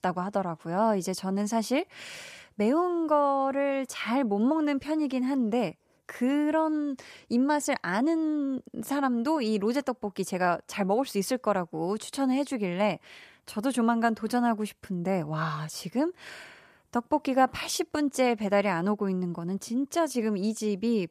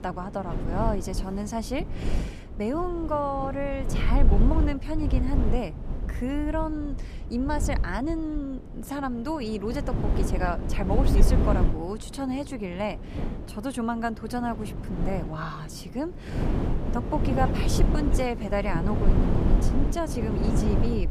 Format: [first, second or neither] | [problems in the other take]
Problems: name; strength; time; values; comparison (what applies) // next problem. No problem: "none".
first | wind noise on the microphone; heavy; 5 dB below the speech